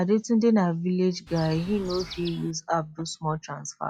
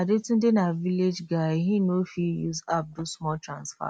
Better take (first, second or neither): second